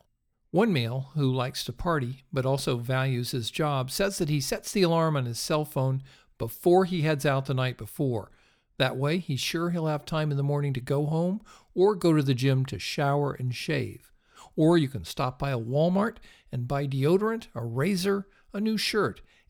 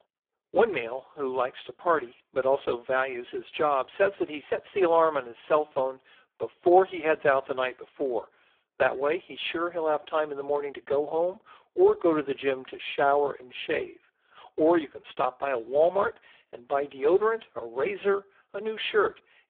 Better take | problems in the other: first | phone-call audio; poor line

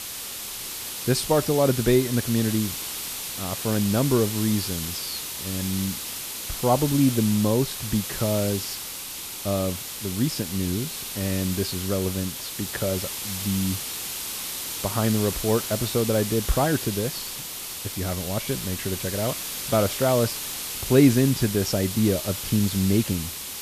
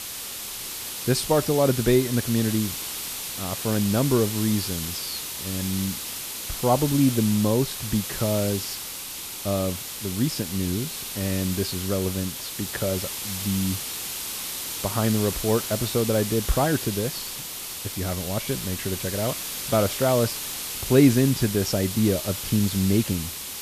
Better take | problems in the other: neither | hiss; loud; throughout; 5 dB below the speech; the same in both

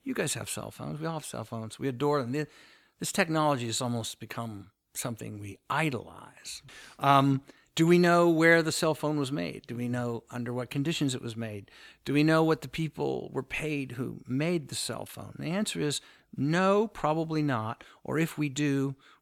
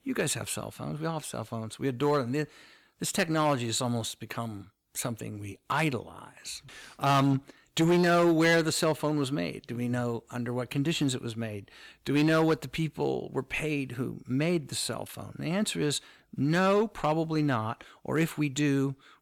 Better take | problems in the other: first | distortion; slight; 3% of the sound clipped

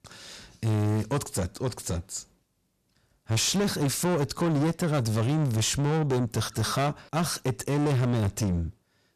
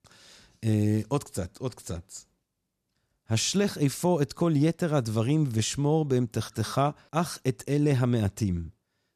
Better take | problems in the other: second | distortion; heavy; 7 dB below the speech

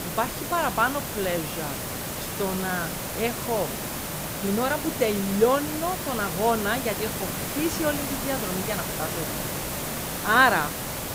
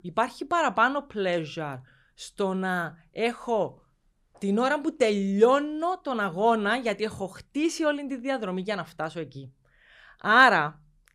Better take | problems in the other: second | hiss; loud; throughout; 3 dB below the speech

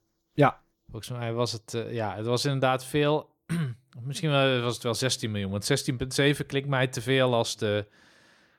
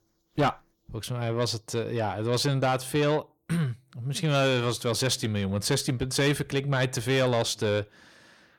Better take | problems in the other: first | distortion; slight; 10 dB below the speech

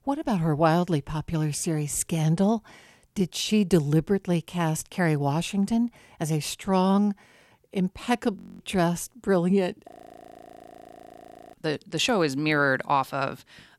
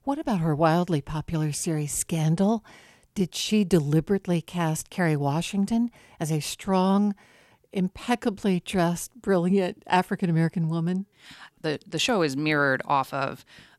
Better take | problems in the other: second | audio freezing; at 8.5 s and at 10 s for 1.5 s

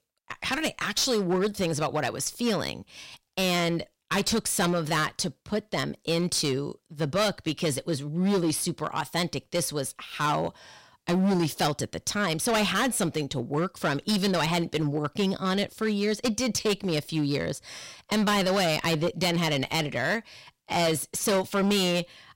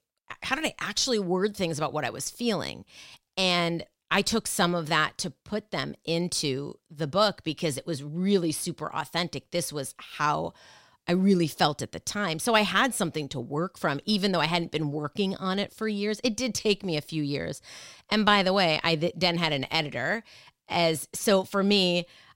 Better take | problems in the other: second | distortion; heavy; 11% of the sound clipped

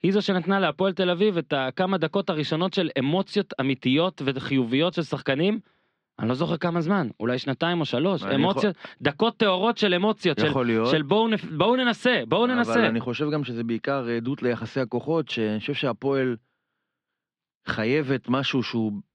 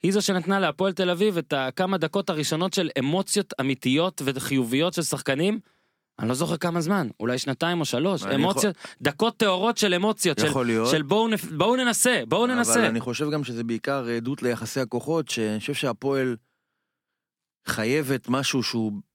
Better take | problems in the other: second | muffled; slightly; fading above 3.5 kHz

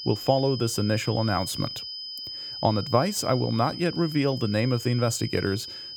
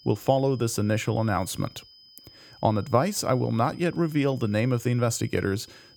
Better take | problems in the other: second | high-pitched whine; loud; throughout; 5 kHz, 9 dB below the speech; faint in the second

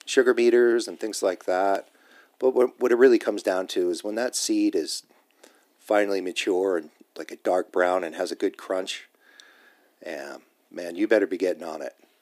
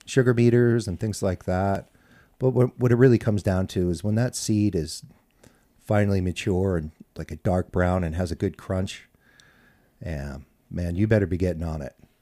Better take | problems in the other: second | thin; somewhat; fading below 300 Hz

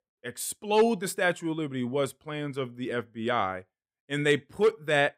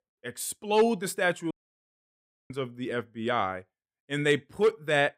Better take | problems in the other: first | audio cutting out; at 1.5 s for 1 s

